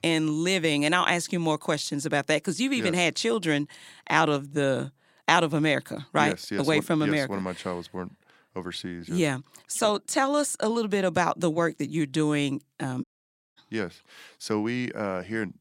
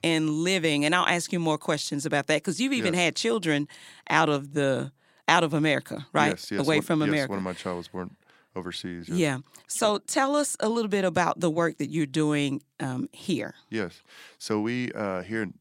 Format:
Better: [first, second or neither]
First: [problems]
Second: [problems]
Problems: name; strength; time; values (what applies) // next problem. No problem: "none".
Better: second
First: audio cutting out; at 13 s for 0.5 s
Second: none